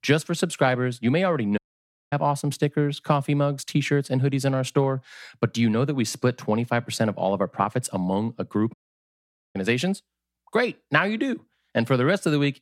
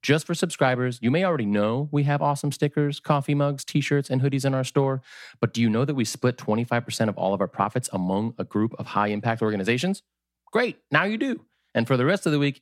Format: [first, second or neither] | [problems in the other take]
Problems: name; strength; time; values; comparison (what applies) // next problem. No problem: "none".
second | audio cutting out; at 1.5 s for 0.5 s and at 8.5 s for 1 s